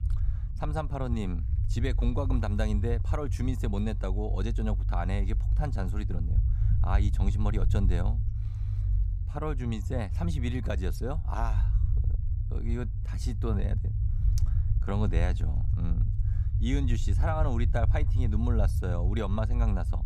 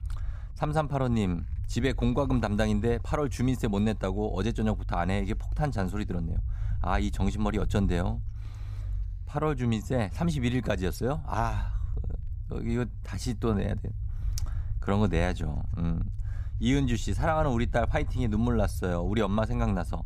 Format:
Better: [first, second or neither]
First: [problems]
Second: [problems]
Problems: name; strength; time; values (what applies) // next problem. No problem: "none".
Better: second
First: low rumble; loud; throughout; 10 dB below the speech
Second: low rumble; faint; throughout; 20 dB below the speech